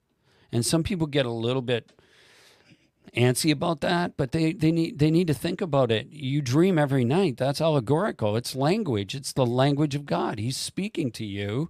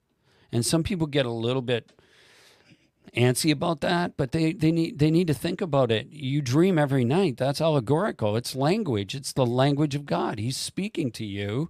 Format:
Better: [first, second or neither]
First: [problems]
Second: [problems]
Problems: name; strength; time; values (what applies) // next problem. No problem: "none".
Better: neither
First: none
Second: none